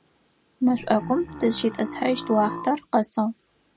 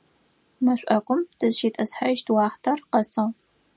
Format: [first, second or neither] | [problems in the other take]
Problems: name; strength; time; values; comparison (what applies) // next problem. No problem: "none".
second | background sound (Burping, eructation); 12 dB below the speech